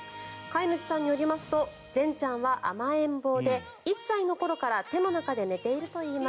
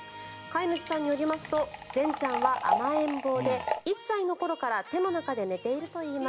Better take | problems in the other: first | background sound (Liquid); 3 dB below the speech

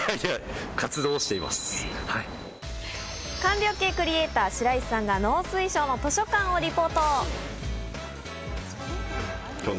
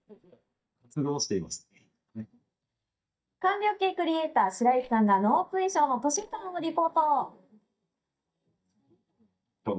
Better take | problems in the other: first | noise reduction (neural mask model DeepFilterNet 3)

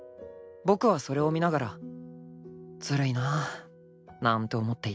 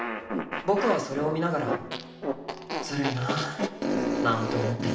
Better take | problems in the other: first | background sound (Fart); 1 dB below the speech // room echo; dies away in 0.5 s

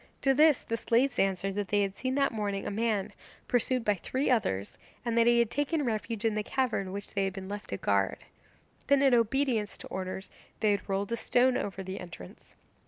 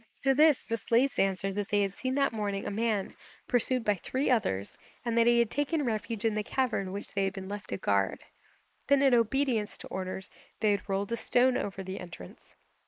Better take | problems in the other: first | noise reduction (neural mask model Resemble Enhance denoiser)

